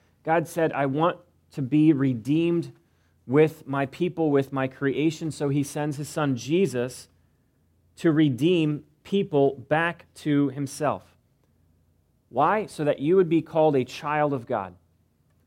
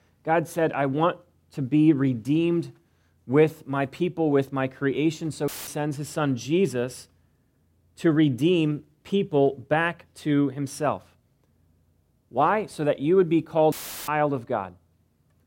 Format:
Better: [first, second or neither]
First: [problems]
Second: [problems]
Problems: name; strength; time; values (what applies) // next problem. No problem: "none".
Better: first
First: none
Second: audio cutting out; filled with static; at 5.5 s and at 14 s